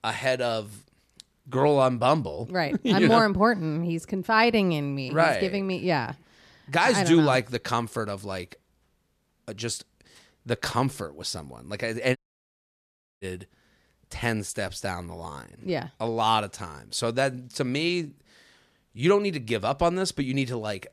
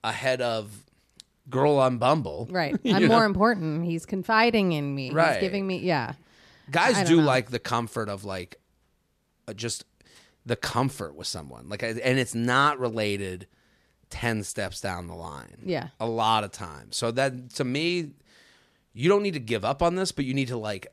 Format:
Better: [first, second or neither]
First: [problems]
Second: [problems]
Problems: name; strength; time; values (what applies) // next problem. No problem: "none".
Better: second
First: audio cutting out; at 12 s for 1 s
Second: none